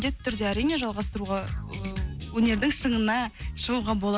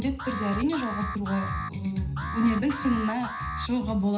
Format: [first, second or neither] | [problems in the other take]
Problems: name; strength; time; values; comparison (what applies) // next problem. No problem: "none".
first | background sound (Alarm); 8 dB below the speech // room echo; dies away in 0.5 s